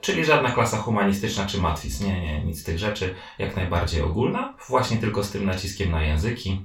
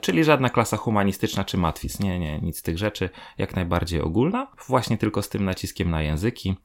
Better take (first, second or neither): second